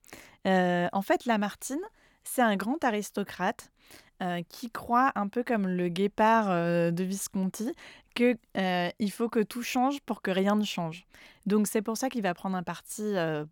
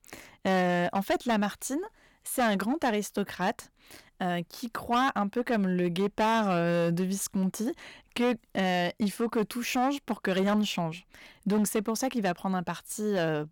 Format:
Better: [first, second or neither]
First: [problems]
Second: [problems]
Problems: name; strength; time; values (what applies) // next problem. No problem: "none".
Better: first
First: none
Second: distortion; slight; 8% of the sound clipped